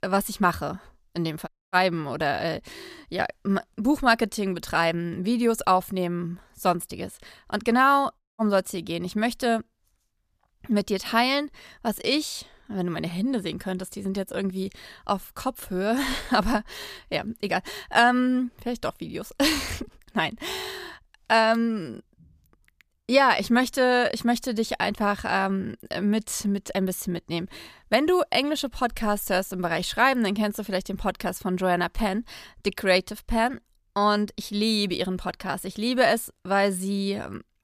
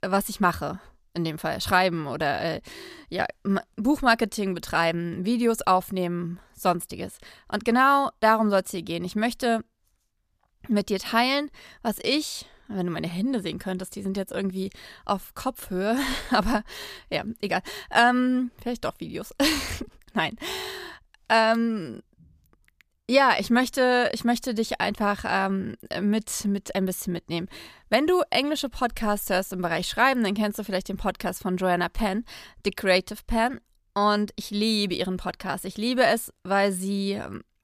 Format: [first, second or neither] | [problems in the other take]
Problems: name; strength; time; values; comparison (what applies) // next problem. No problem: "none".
second | audio cutting out; at 1.5 s and at 8 s